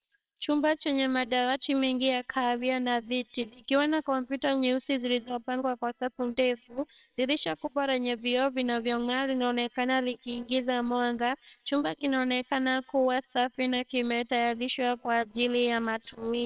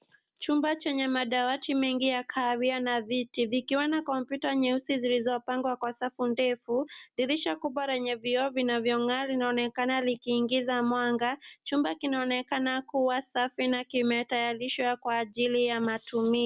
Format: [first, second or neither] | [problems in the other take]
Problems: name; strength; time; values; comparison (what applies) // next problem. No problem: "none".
second | noise reduction (neural separator model SepFormer WHAMR!)